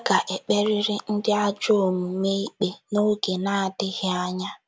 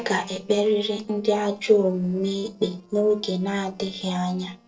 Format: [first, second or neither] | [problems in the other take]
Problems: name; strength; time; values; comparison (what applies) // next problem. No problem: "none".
first | noise reduction (neural separator model SepFormer DNS4)